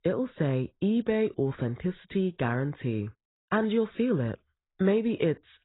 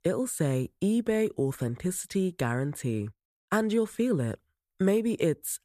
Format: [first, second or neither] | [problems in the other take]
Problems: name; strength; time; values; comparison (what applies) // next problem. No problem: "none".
second | garbled, watery; badly; nothing above 4 kHz